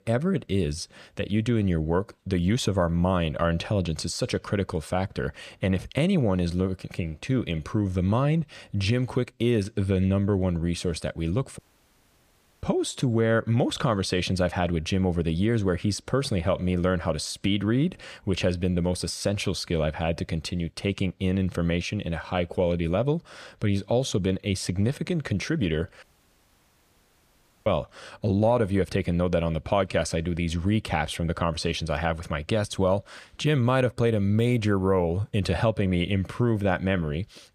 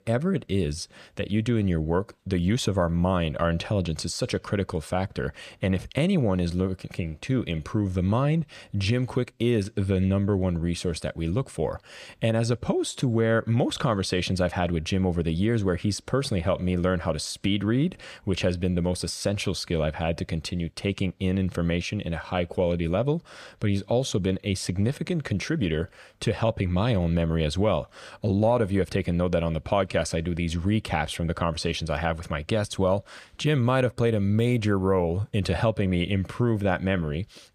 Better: second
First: audio cutting out; at 12 s for 1 s and at 26 s for 1.5 s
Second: none

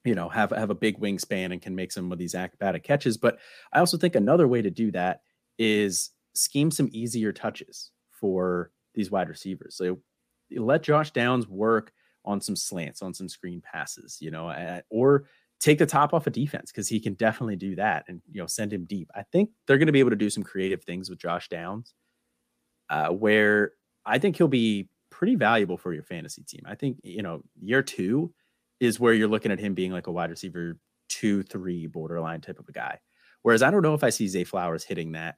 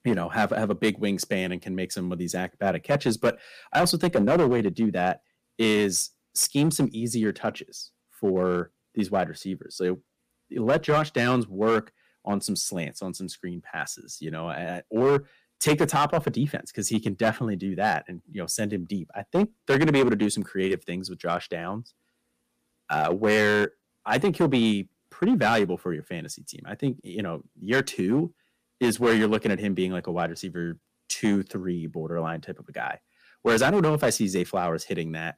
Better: first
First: none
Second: distortion; slight; 4% of the sound clipped

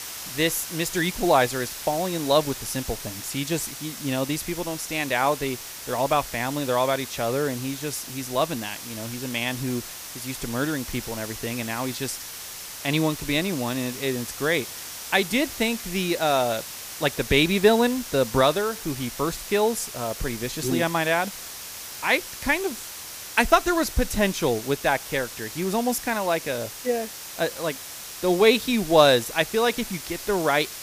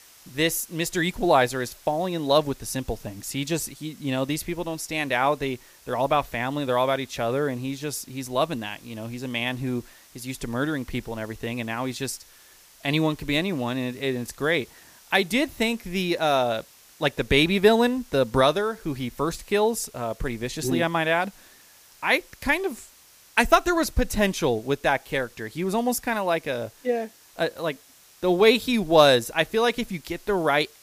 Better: second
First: hiss; loud; throughout; 10 dB below the speech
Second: hiss; faint; throughout; 25 dB below the speech

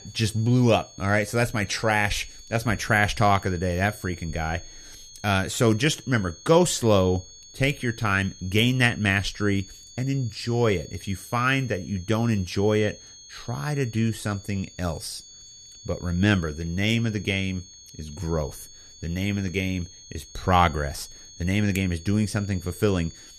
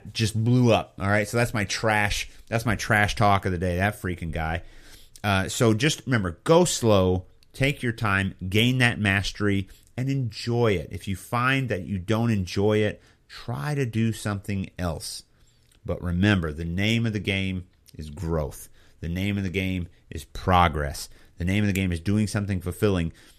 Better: second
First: high-pitched whine; noticeable; throughout; 6.5 kHz, 20 dB below the speech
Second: none

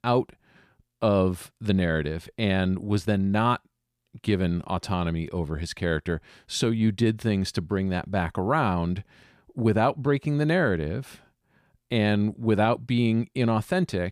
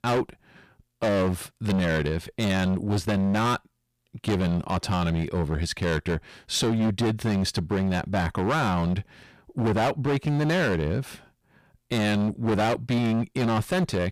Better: first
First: none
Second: distortion; heavy; 19% of the sound clipped

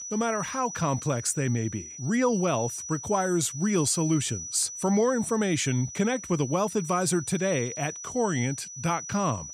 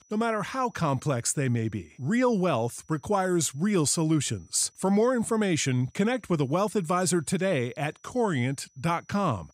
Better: second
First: high-pitched whine; loud; throughout; 6 kHz, 9 dB below the speech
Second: high-pitched whine; faint; throughout; 6 kHz, 35 dB below the speech

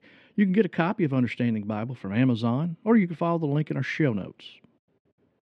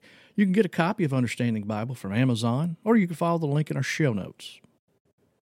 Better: second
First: muffled; slightly; fading above 3 kHz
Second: none

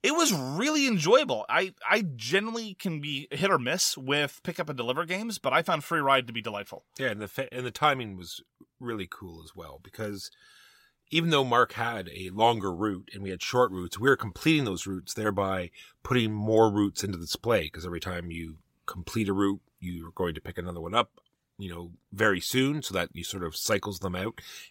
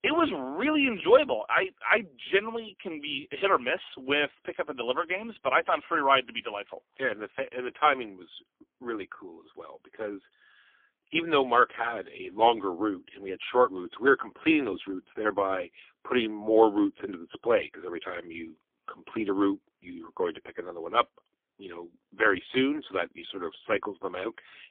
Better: first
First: none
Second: phone-call audio; poor line; nothing above 3.5 kHz

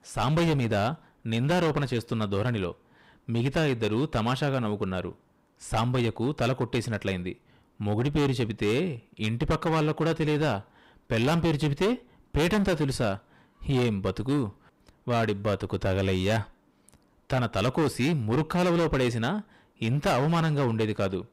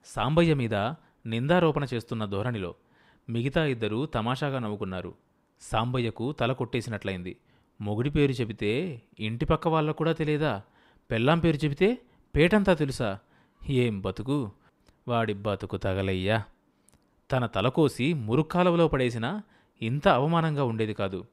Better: second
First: distortion; heavy; 13% of the sound clipped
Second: none

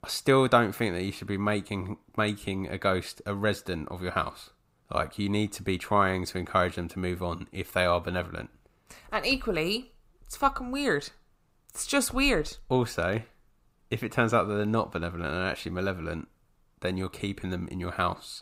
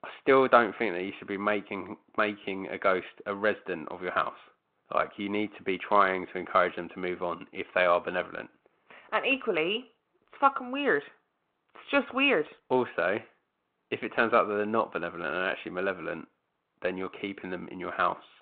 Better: first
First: none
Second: phone-call audio

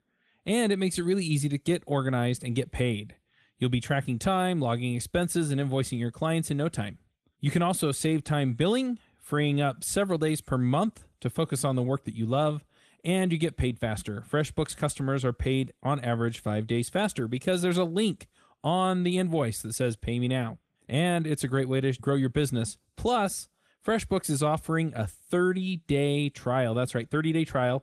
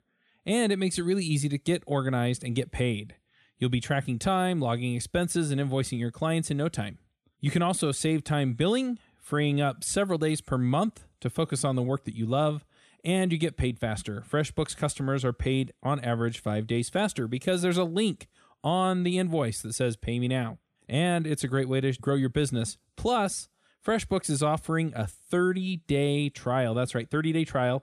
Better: second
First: garbled, watery; slightly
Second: none

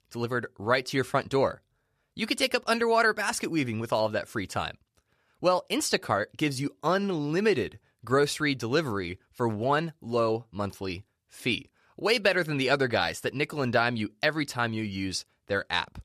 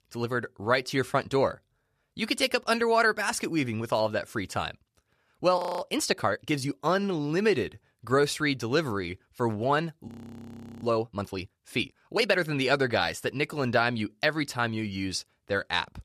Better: first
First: none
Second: audio freezing; at 5.5 s and at 10 s for 0.5 s

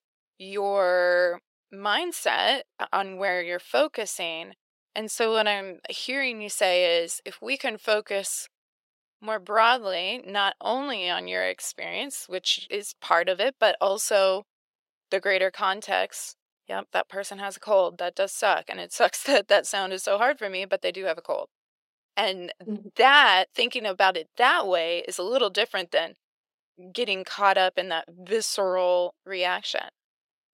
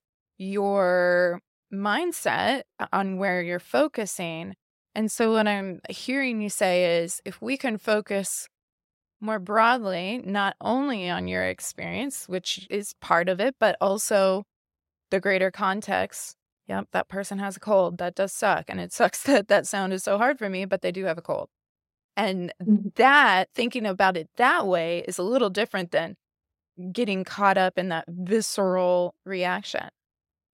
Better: second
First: thin; somewhat; fading below 450 Hz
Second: none

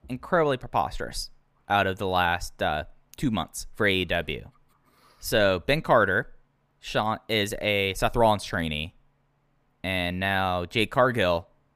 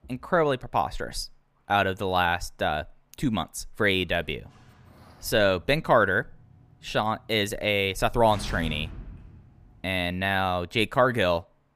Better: first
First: none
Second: door banging; faint; from 4.5 to 9.5 s; peak 10 dB below the speech

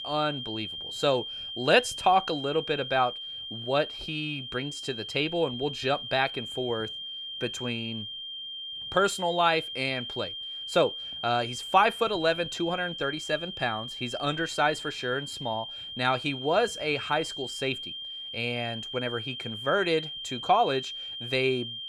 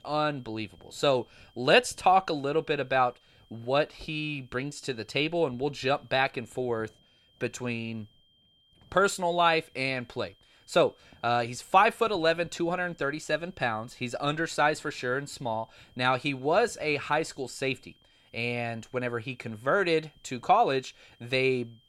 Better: second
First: high-pitched whine; loud; throughout; 3 kHz, 7 dB below the speech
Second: high-pitched whine; faint; throughout; 3 kHz, 35 dB below the speech

